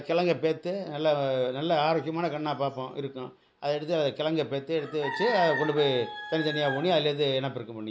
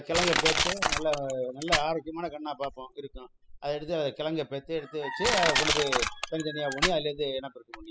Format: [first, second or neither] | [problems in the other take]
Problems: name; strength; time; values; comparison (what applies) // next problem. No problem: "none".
first | noise reduction (classical method spectral subtraction)